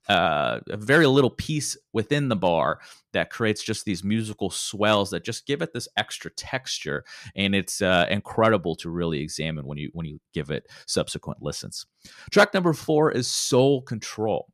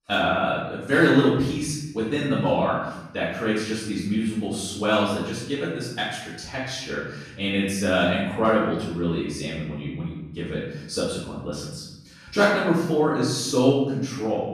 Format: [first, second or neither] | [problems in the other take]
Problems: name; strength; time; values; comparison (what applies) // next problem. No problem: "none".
first | off-mic speech; far // room echo; noticeable; dies away in 0.9 s